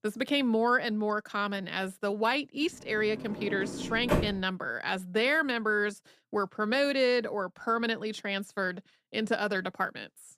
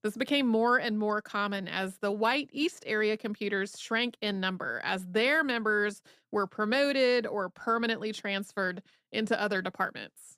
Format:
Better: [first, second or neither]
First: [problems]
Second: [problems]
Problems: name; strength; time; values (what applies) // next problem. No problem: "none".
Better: second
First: door banging; loud; from 3 to 4.5 s; peak level with the speech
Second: none